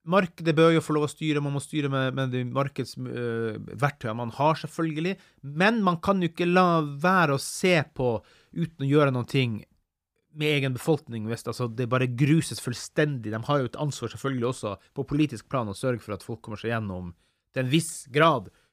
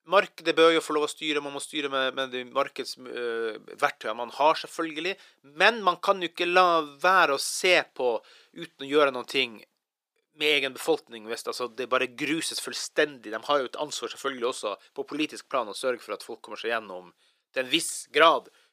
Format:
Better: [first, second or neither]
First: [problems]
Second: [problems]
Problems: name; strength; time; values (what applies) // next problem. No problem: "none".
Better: first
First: none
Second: thin; very; fading below 400 Hz